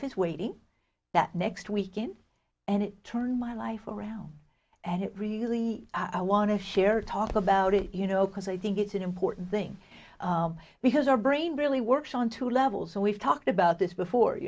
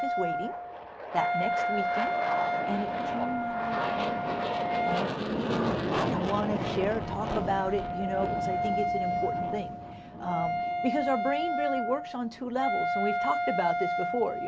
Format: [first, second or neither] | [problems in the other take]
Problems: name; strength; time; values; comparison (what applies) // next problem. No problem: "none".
first | background sound (Wind instrument, woodwind instrument + Aircraft); 3 dB above the speech